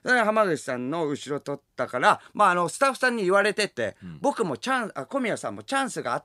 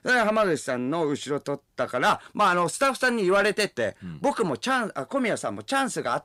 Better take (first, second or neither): first